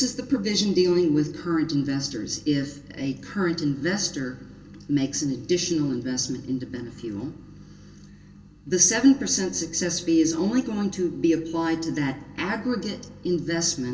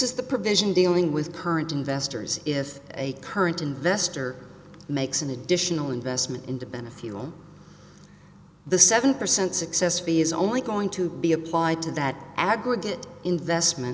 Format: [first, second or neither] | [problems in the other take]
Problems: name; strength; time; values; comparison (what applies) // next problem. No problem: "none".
second | room echo; dies away in 0.2 s